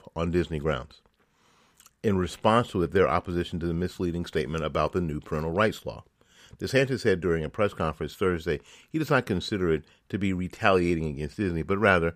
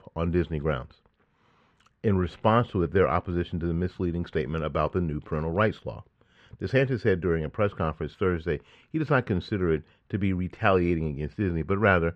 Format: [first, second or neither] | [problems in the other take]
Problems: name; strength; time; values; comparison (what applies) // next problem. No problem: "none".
first | muffled; slightly; fading above 2.5 kHz